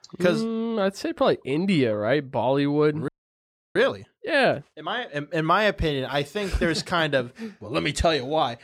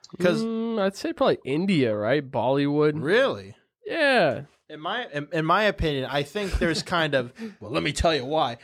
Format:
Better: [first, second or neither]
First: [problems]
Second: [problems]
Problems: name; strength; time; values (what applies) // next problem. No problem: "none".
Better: second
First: audio freezing; at 3 s for 0.5 s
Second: none